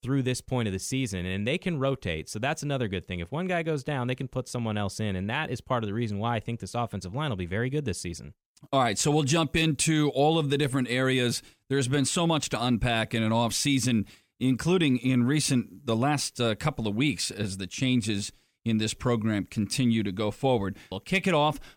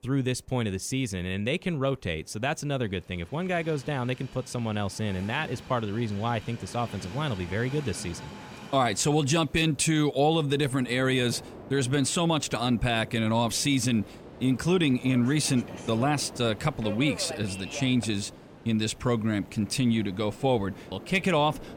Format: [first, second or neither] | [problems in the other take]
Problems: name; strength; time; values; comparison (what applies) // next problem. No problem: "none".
first | train or aircraft noise; noticeable; throughout; 15 dB below the speech